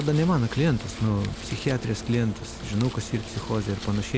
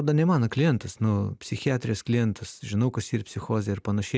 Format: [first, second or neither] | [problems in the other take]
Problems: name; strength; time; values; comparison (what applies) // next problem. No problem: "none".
second | background sound (Wind); 11 dB below the speech